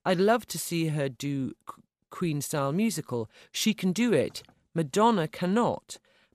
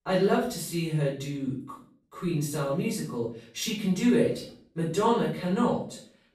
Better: first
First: none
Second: off-mic speech; far // room echo; noticeable; dies away in 0.4 s

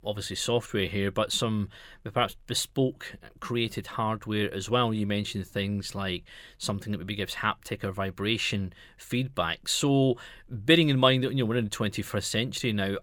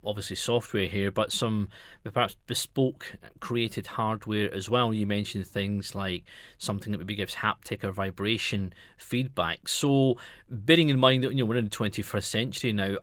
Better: first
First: none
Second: garbled, watery; slightly; nothing above 17.5 kHz

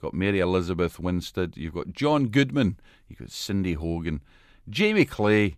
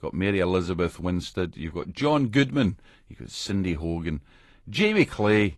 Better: first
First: none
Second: garbled, watery; slightly; nothing above 12 kHz

